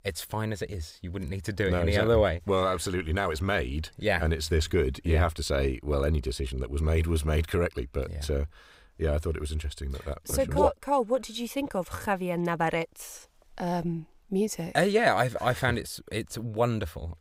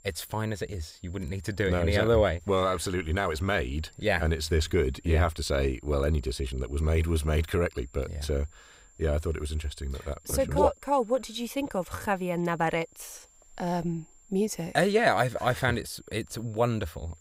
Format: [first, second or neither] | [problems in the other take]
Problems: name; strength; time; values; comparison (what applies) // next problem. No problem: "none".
first | high-pitched whine; faint; throughout; 7.5 kHz, 30 dB below the speech